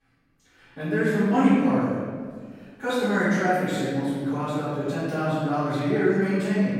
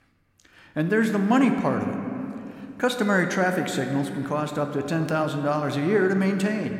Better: second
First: room echo; strong; dies away in 1.5 s // off-mic speech; far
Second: room echo; slight; dies away in 2.2 s

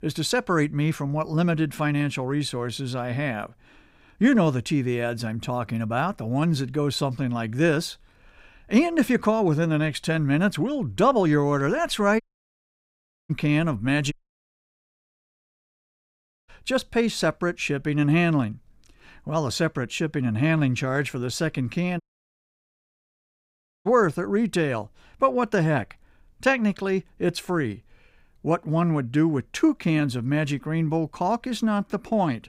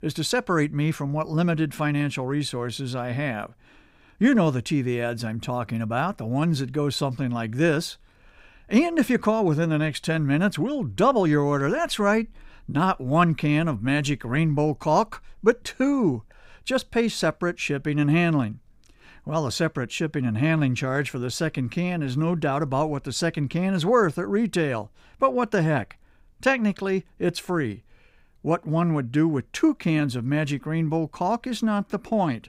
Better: second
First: audio cutting out; at 12 s for 1 s, at 14 s for 2.5 s and at 22 s for 2 s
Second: none

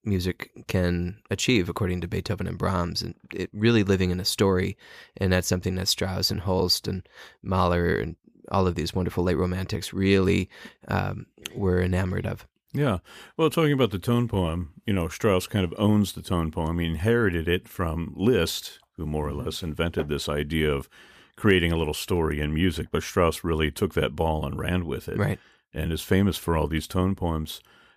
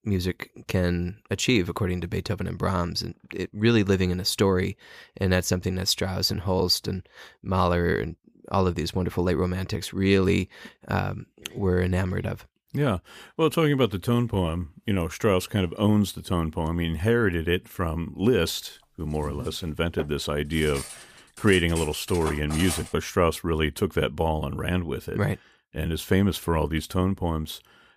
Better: first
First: none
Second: clattering dishes; noticeable; from 19 to 23 s; peak 6 dB below the speech

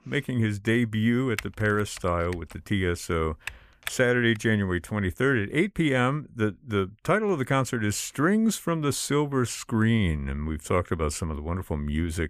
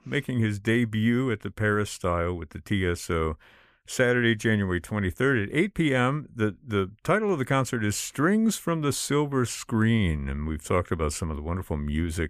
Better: second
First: keyboard typing; faint; from 1.5 to 4.5 s; peak 10 dB below the speech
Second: none

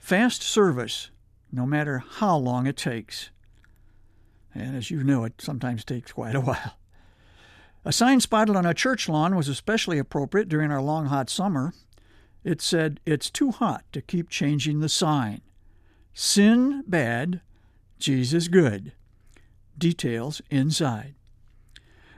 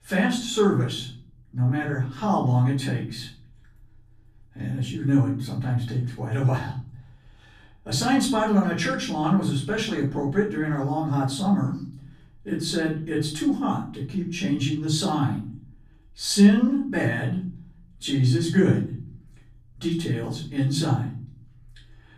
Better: first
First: none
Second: room echo; slight; dies away in 0.5 s // off-mic speech; far

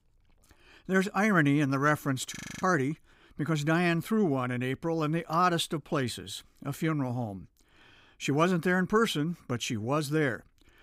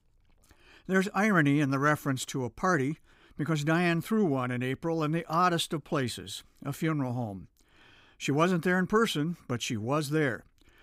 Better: second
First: audio freezing; at 2.5 s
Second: none

